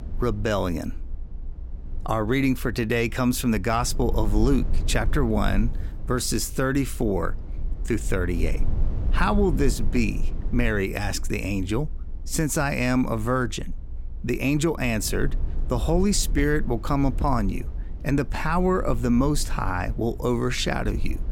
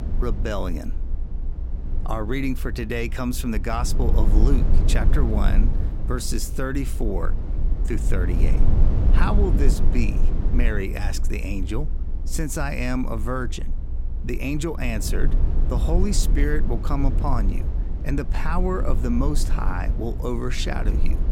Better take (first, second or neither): first